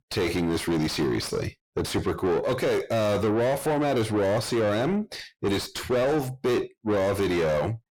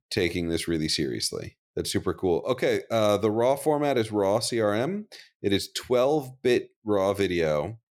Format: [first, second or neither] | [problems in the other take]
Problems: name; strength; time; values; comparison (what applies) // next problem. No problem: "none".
second | distortion; heavy; 6 dB below the speech